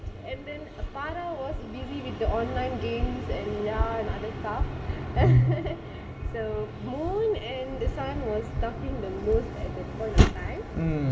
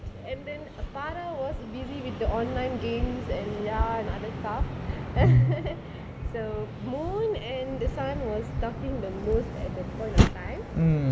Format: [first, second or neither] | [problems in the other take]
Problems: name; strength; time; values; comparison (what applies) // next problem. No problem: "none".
second | room echo; dies away in 1.4 s